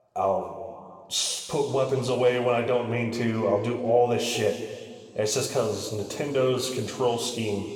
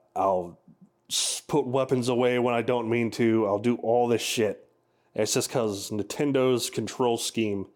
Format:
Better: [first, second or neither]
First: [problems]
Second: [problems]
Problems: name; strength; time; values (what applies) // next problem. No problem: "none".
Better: second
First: room echo; noticeable; dies away in 1.8 s // off-mic speech; somewhat distant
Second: none